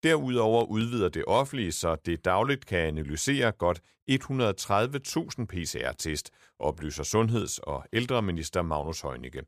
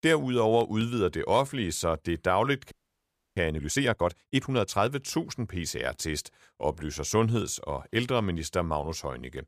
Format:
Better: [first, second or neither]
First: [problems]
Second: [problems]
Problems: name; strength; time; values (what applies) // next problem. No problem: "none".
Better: first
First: none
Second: audio freezing; at 2.5 s for 0.5 s